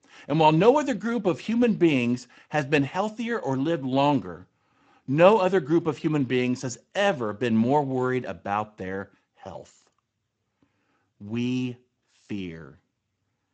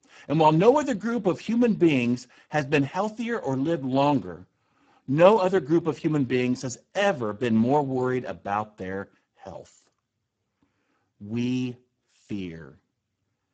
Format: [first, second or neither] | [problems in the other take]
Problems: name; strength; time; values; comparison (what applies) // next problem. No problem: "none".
first | garbled, watery; badly; nothing above 7.5 kHz; slightly in the first